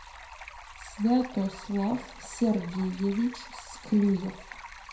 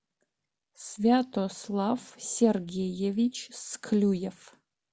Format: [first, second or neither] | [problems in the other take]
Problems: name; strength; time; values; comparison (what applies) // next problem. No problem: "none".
second | background sound (Stream); 16 dB below the speech // room echo; dies away in 0.5 s